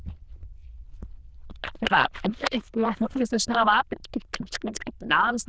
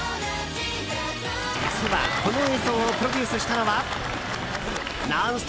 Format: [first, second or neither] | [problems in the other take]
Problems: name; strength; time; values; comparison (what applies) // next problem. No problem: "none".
second | noise reduction (neural diffusion model UNIVERSE++)